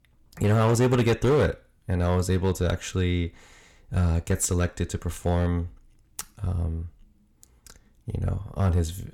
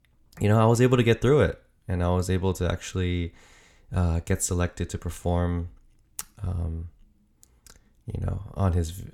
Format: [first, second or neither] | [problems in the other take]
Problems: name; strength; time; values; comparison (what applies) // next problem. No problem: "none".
second | distortion; slight; 4% of the sound clipped